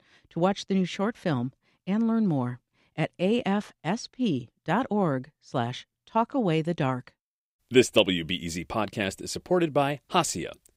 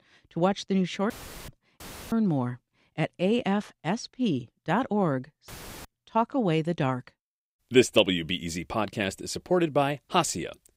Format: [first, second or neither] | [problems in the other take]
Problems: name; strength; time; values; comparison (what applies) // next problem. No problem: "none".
first | audio cutting out; filled with static; at 1 s, at 2 s and at 5.5 s